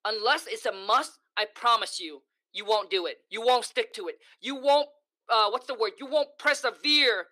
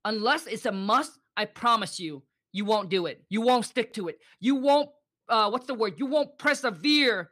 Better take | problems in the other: second | thin; somewhat; fading below 350 Hz

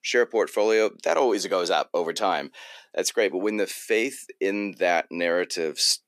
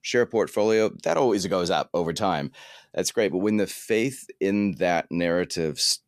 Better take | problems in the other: second | thin; somewhat; fading below 300 Hz

